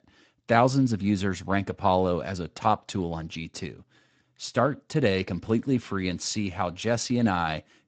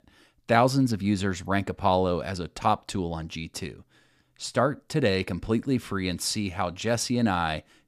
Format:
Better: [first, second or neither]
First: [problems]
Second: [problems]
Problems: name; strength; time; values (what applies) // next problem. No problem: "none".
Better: second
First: garbled, watery; slightly; nothing above 7.5 kHz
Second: none